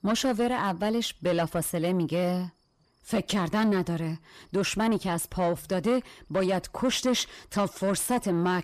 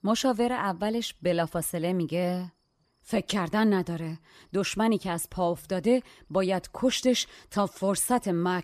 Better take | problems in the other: second | distortion; slight; 10 dB below the speech

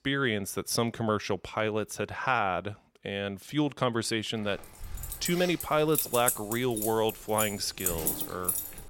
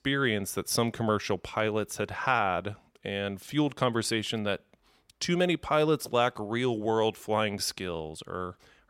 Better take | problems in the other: second | jangling keys; loud; from 5 s on; peak 3 dB above the speech

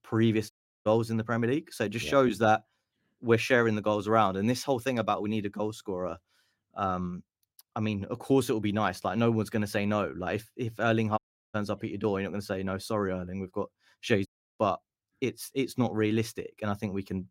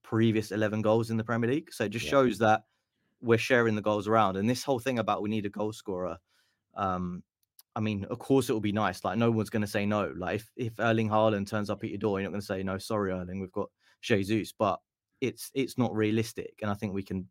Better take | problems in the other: second | audio cutting out; at 0.5 s, at 11 s and at 14 s

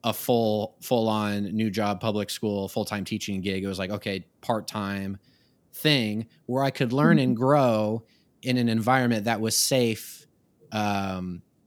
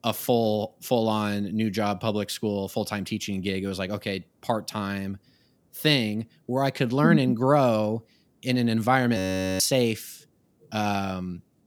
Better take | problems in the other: first | audio freezing; at 9 s

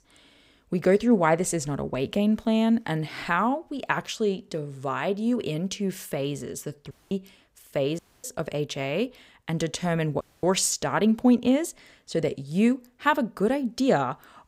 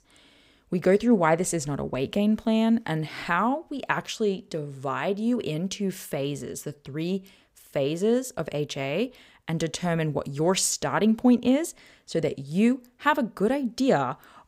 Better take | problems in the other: second | audio cutting out; at 7 s, at 8 s and at 10 s

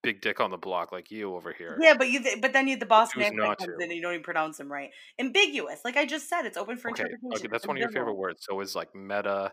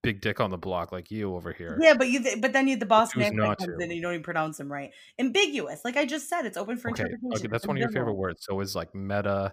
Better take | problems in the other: second | thin; very slightly; fading below 300 Hz

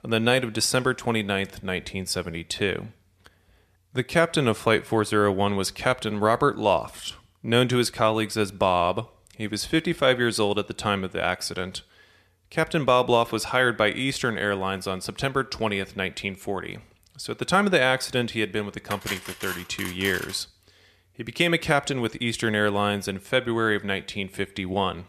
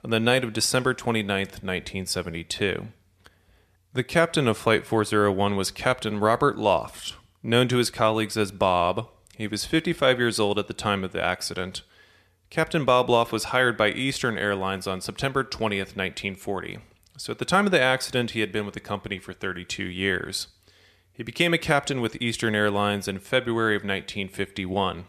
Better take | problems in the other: second | clattering dishes; noticeable; from 19 to 20 s; peak 8 dB below the speech

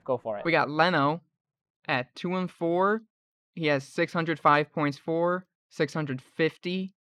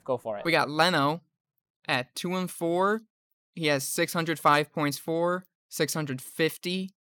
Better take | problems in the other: second | muffled; slightly; fading above 3 kHz

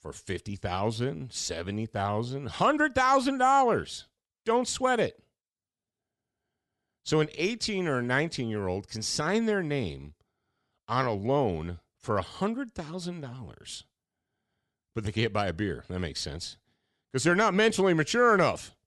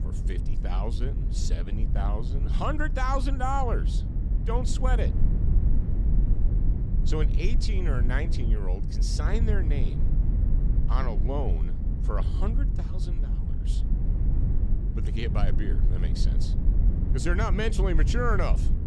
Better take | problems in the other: first | low rumble; loud; throughout; 9 dB below the speech

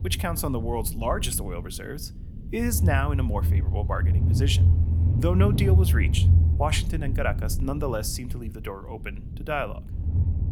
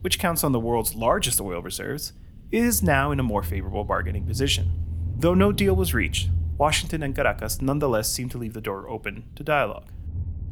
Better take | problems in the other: second | low rumble; loud; throughout; 9 dB below the speech; faint in the second

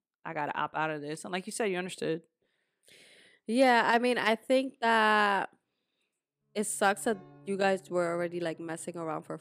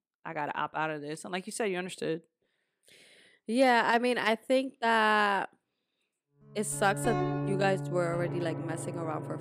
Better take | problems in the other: first | background music; loud; from 7 s on; 6 dB below the speech; faint in the first

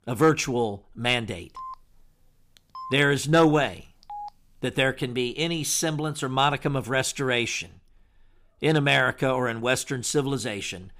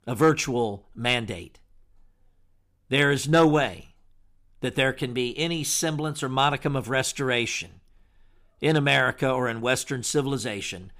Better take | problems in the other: second | phone ringing; faint; from 1.5 to 4.5 s; peak 15 dB below the speech

